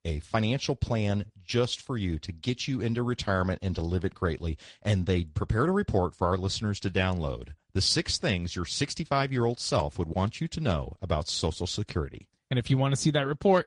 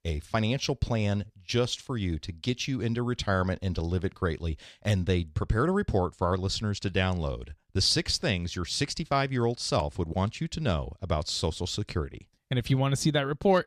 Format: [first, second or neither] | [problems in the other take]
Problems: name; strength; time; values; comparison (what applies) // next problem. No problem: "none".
second | garbled, watery; slightly; nothing above 9.5 kHz